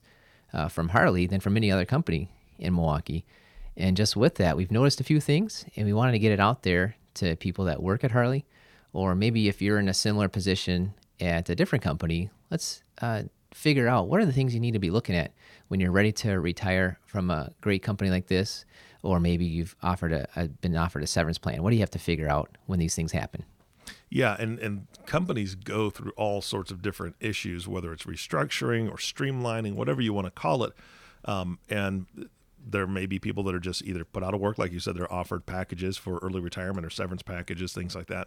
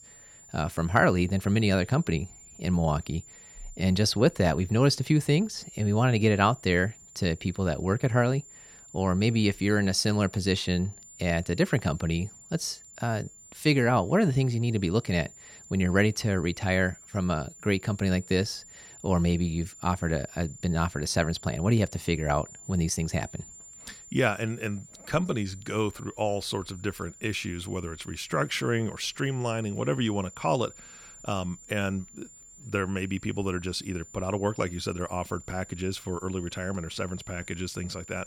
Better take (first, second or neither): first